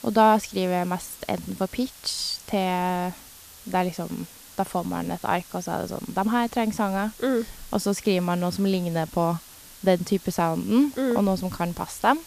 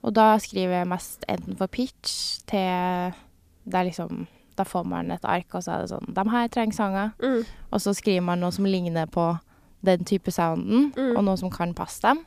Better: second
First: hiss; noticeable; throughout; 20 dB below the speech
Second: none

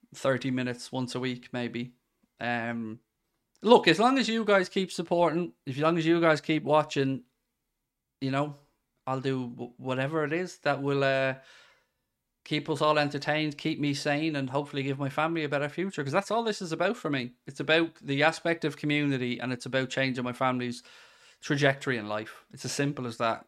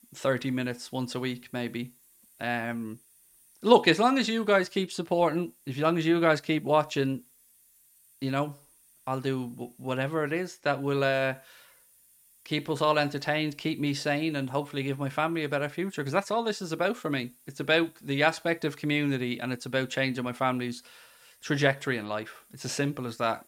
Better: first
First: none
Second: hiss; faint; throughout; 30 dB below the speech

